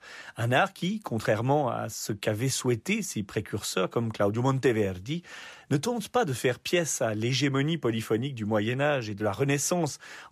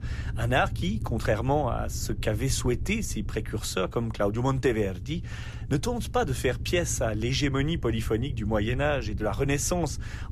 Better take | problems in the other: first | low rumble; faint; throughout; 20 dB below the speech

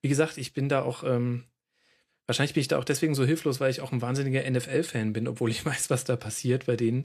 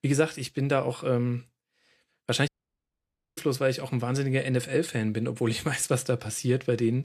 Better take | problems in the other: first | audio cutting out; at 2.5 s for 1 s

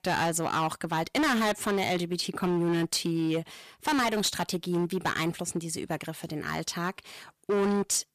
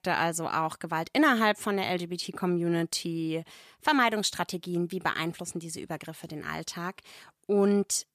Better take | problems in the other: second | distortion; heavy; 13% of the sound clipped

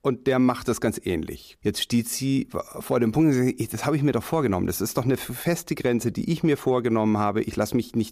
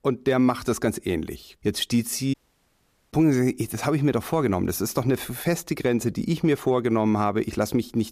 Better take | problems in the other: first | audio cutting out; at 2.5 s for 1 s

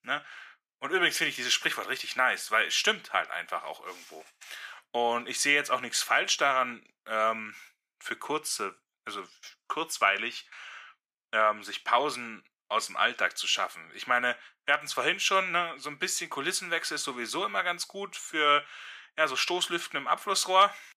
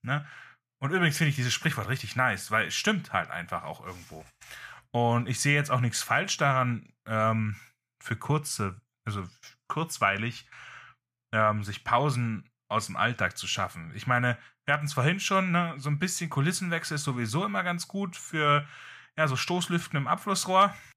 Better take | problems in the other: second | thin; very; fading below 350 Hz

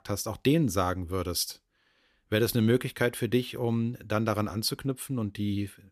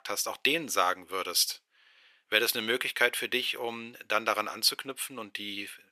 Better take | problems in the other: first | thin; very; fading below 650 Hz

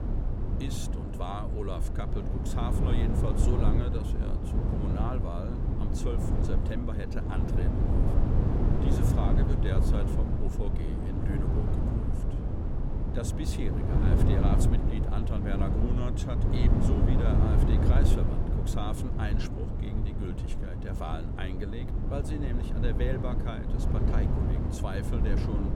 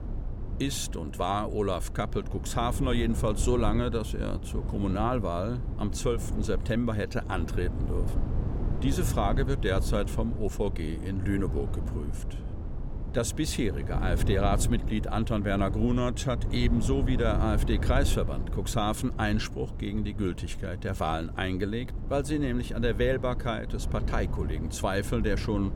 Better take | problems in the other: second | wind noise on the microphone; heavy; 1 dB above the speech; occasional gusts in the second

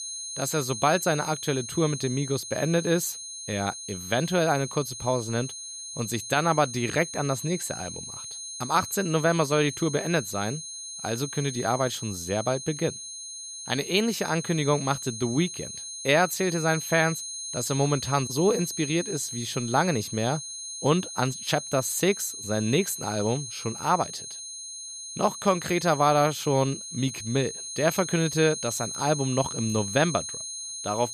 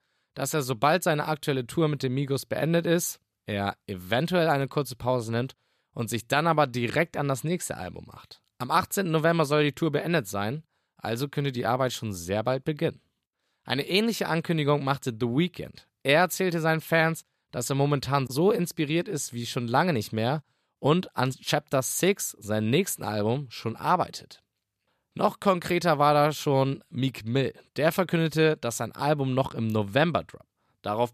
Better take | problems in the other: second | high-pitched whine; loud; throughout; 6.5 kHz, 8 dB below the speech

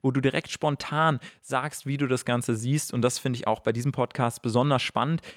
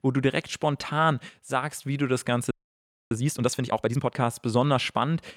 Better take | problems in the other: first | audio freezing; at 2.5 s for 0.5 s

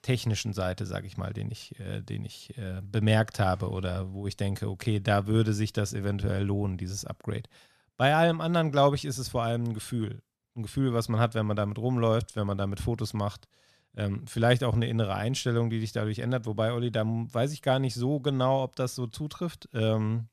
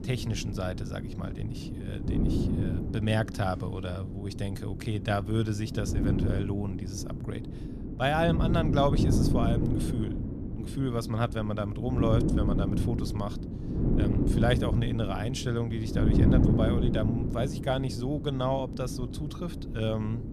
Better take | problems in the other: first | wind noise on the microphone; heavy; 5 dB below the speech

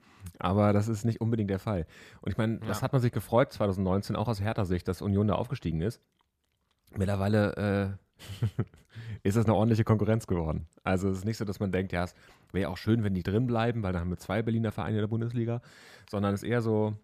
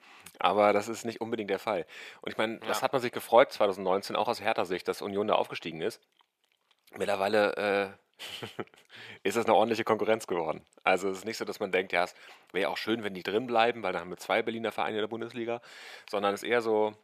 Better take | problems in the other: first | thin; very; fading below 450 Hz

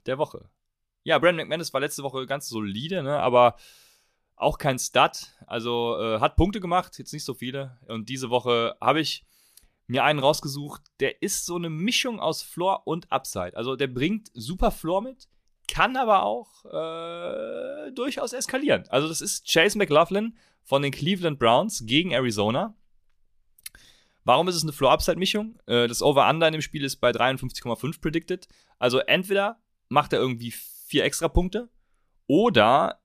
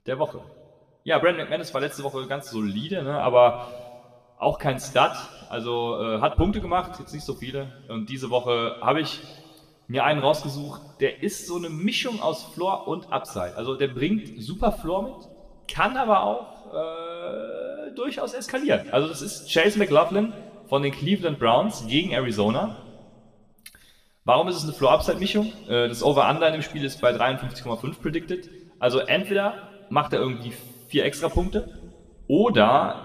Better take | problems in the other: first | room echo; slight; dies away in 1.4 s

